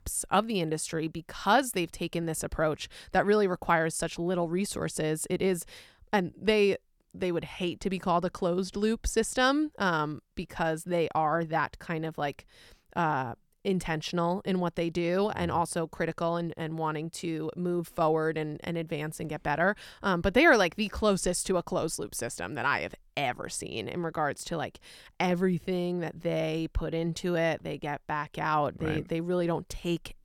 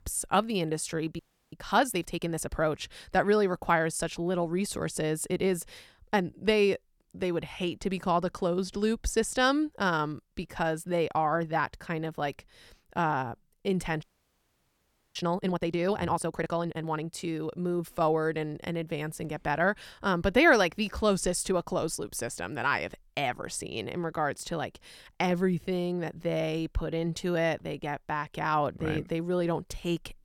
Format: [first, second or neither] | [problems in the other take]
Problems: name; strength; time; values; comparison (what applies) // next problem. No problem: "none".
first | audio freezing; at 1 s and at 14 s for 1 s